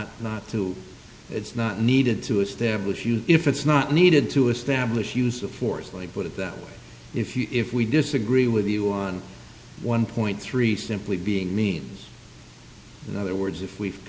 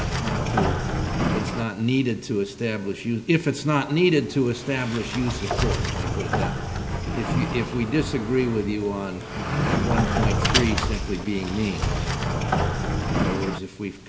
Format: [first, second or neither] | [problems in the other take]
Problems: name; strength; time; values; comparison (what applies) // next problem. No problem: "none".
first | background sound (Sliding door); as loud as the speech